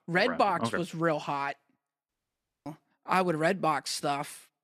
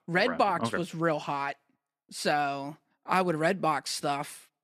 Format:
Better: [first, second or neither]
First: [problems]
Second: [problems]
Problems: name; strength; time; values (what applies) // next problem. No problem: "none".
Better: second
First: audio cutting out; at 2 s for 0.5 s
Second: none